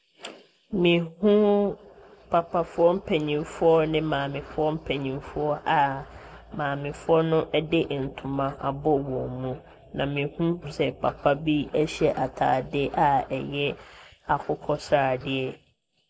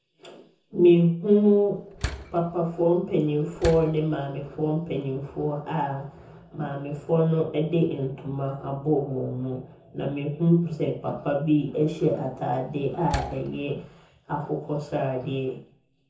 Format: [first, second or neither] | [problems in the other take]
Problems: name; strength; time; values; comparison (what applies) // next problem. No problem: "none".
first | background sound (Slam); 12 dB below the speech // room echo; dies away in 0.5 s